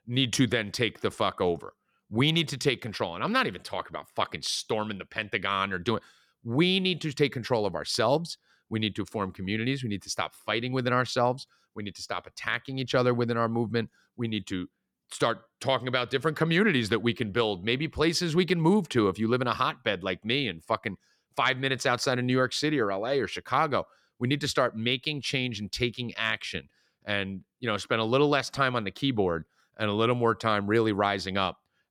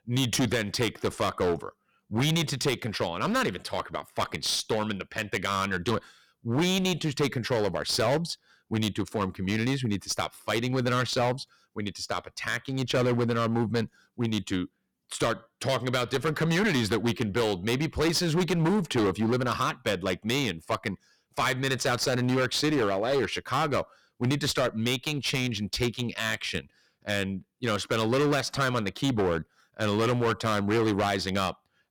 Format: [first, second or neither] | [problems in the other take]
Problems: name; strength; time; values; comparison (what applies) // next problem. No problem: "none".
first | distortion; heavy; 12% of the sound clipped